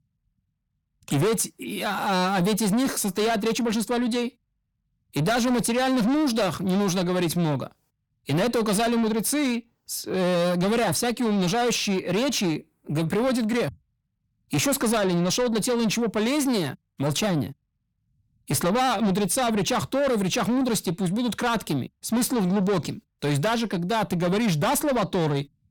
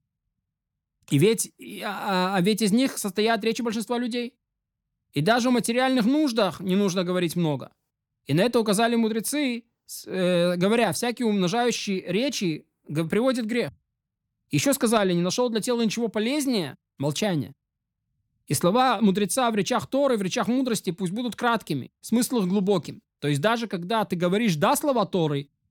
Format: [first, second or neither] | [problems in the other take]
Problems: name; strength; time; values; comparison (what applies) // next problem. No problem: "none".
second | distortion; heavy; 7 dB below the speech